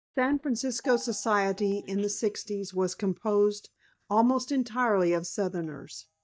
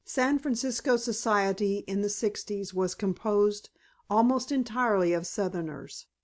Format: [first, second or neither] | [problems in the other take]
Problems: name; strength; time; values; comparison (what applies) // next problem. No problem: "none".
second | noise reduction (neural mask model DeepFilterNet 3)